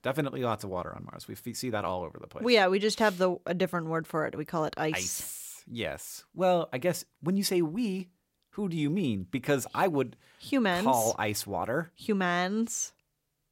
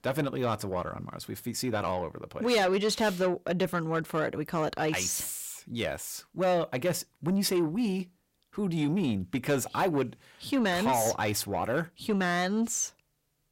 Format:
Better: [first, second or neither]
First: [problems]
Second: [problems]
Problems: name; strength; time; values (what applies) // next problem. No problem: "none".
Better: first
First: none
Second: distortion; slight; 10 dB below the speech